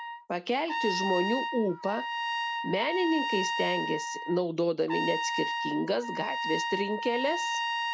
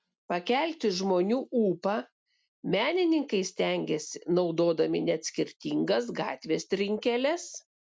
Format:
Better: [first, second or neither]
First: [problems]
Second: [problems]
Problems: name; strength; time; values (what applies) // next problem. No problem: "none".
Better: second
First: background sound (Trumpet); 2 dB below the speech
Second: none